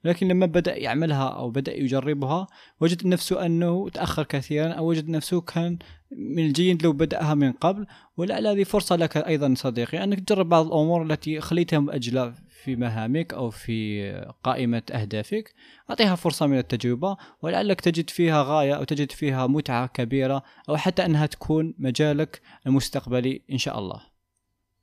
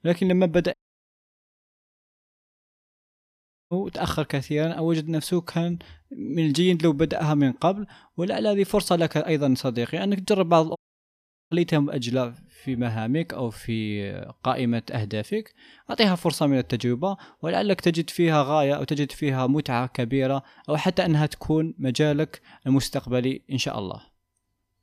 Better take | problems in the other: first | audio cutting out; at 0.5 s for 3 s and at 11 s for 1 s

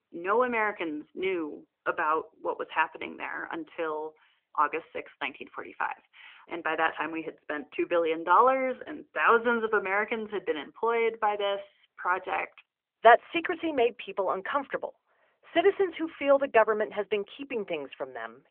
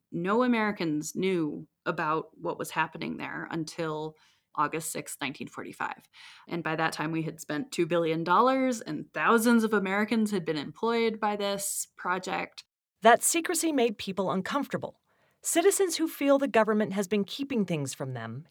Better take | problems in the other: second | phone-call audio; nothing above 3 kHz

